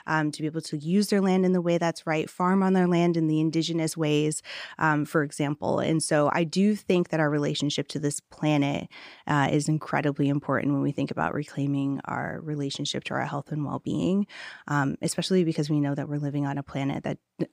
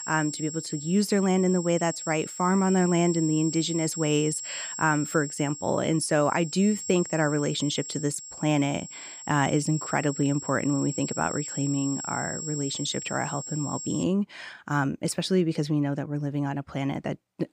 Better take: first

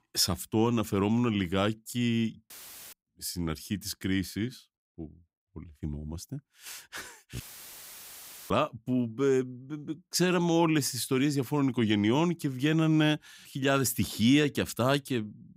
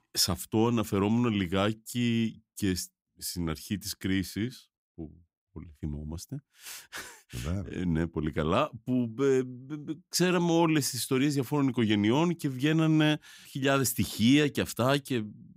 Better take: second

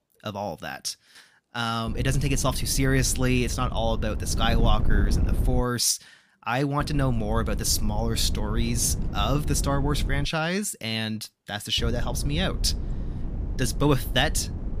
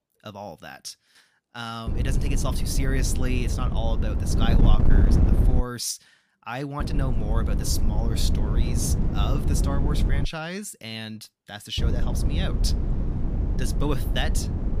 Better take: first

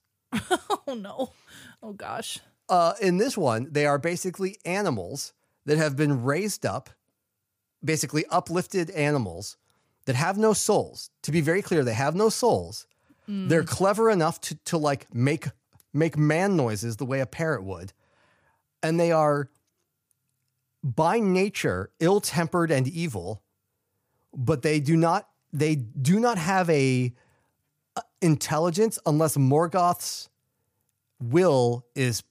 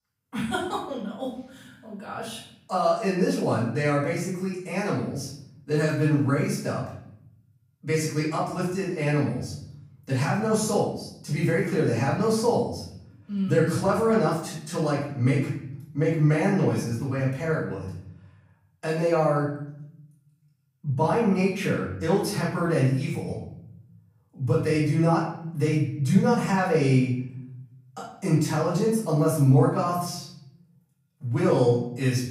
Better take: first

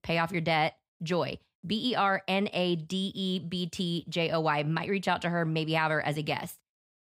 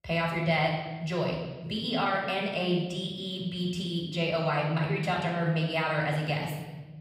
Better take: first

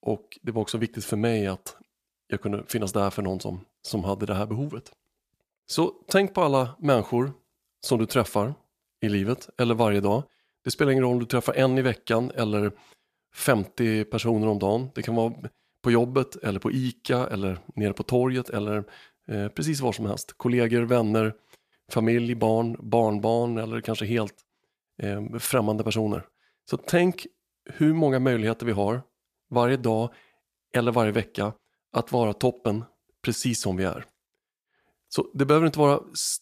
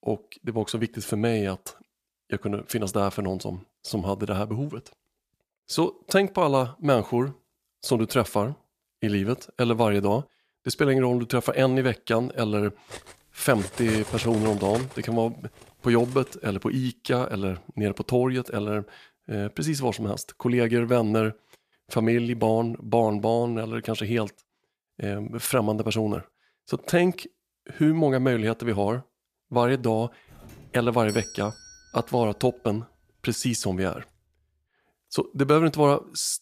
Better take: first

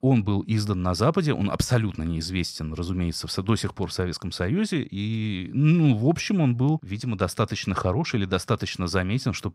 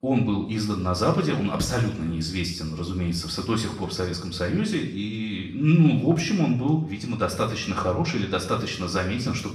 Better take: first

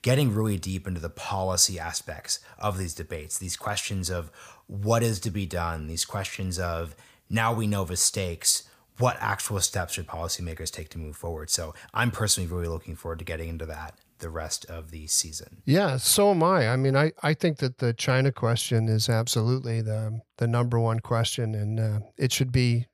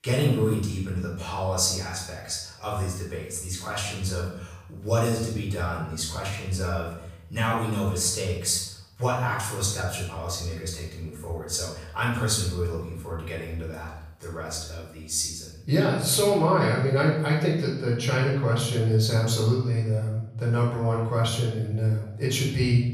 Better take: first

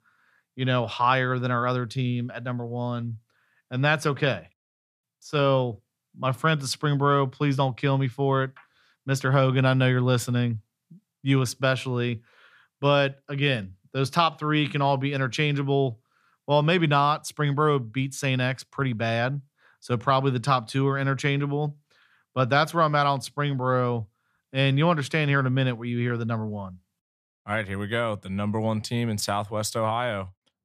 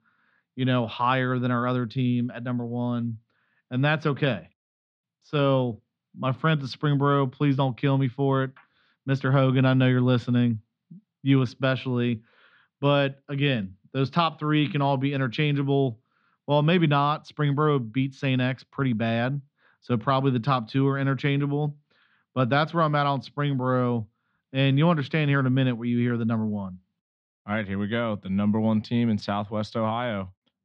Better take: first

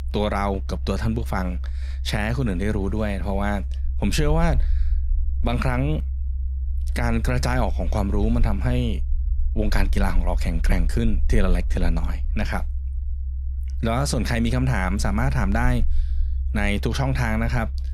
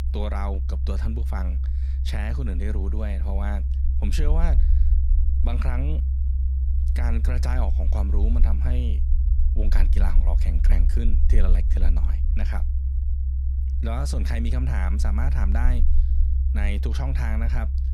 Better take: first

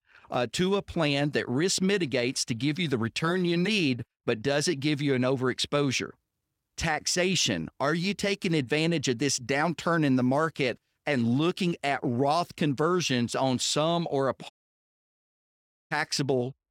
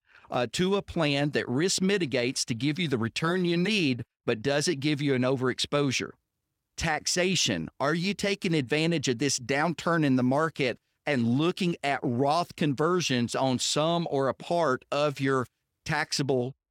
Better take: second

